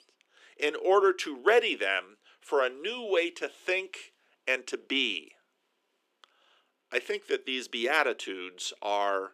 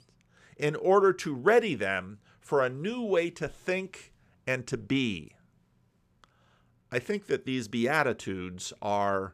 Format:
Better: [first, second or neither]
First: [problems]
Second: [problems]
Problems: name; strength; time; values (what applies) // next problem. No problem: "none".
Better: second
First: thin; somewhat; fading below 300 Hz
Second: none